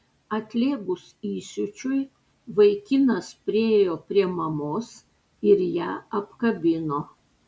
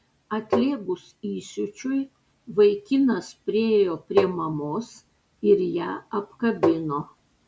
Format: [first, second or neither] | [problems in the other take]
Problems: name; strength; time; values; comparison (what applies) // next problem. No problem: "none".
first | background sound (Tap); 1 dB below the speech